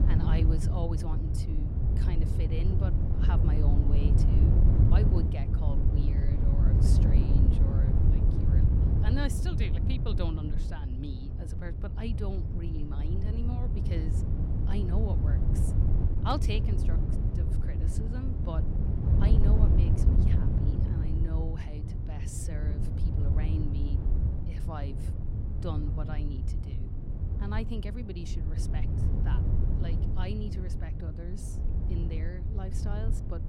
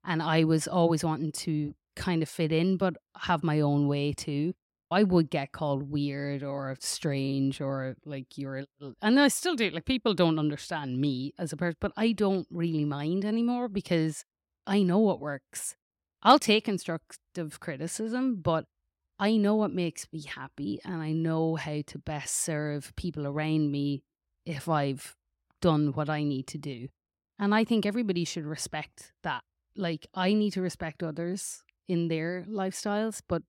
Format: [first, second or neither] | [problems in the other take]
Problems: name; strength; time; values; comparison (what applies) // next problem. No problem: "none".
second | wind noise on the microphone; heavy; as loud as the speech